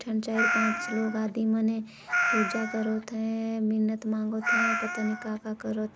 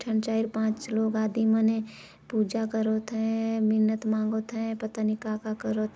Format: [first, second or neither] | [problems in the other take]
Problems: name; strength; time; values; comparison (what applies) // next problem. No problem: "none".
second | background sound (Meow); 1 dB below the speech